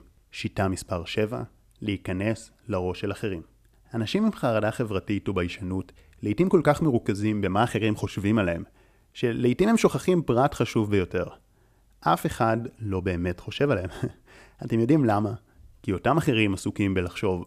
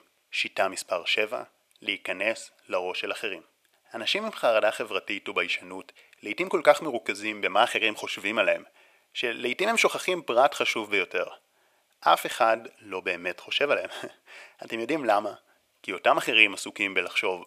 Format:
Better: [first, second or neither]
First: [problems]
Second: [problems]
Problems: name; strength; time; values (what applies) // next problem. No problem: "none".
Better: first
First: none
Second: thin; very; fading below 600 Hz